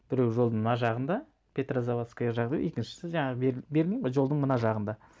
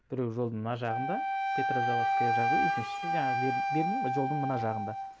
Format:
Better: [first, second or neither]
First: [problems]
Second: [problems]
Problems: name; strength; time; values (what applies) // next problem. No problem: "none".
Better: first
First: none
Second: background sound (Wind instrument, woodwind instrument); 4 dB above the speech